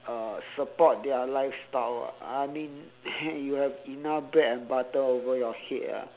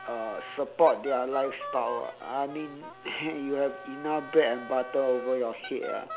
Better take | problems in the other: first | background sound (Wind instrument, woodwind instrument); 13 dB below the speech

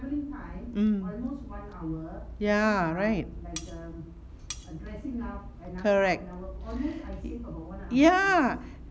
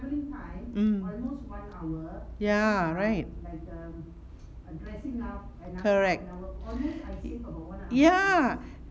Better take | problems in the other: second | background sound (Cutlery, silverware); 16 dB below the speech

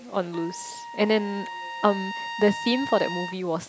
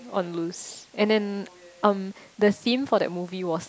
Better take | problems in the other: second | background sound (Trumpet); 9 dB below the speech

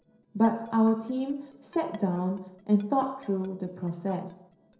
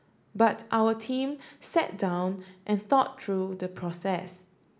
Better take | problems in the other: second | noise reduction (neural separator model SepFormer DNS4)

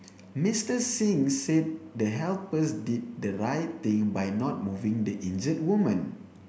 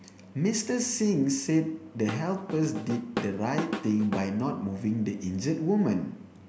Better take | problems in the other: first | background sound (Drum / Drum kit); 8 dB below the speech

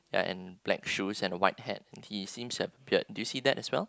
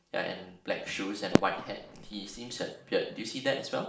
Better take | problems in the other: first | background sound (Fireworks); 2 dB above the speech // room echo; dies away in 0.5 s

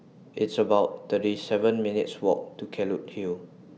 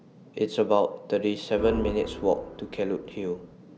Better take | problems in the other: first | background sound (Organ); 10 dB below the speech

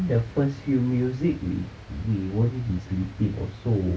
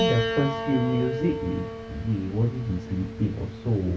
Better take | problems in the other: first | background sound (Piano); 5 dB below the speech

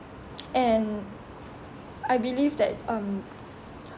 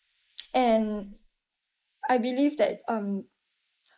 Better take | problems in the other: first | noise reduction (neural mask model Resemble Enhance denoiser)

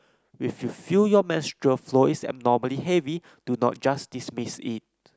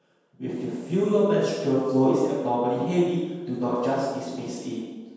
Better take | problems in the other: first | room echo; dies away in 1.2 s

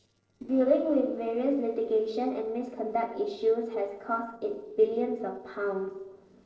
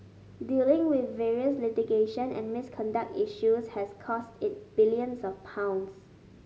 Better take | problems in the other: second | noise reduction (neural separator model SepFormer DNS4)

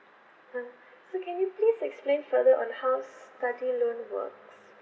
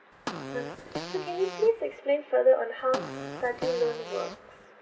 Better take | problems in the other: first | background sound (Fart); 10 dB below the speech

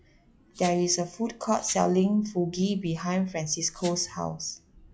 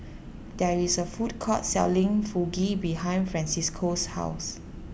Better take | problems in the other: second | noise reduction (classical method log-MMSE)

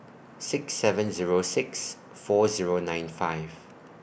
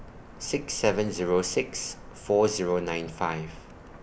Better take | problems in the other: first | background sound (Bird); 18 dB below the speech

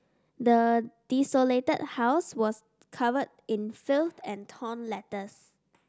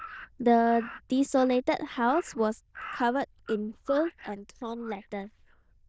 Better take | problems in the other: first | noise reduction (neural diffusion model UNIVERSE++)

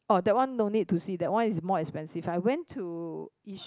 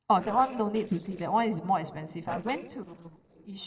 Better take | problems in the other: first | noise reduction (neural separator model SepFormer DNS4)

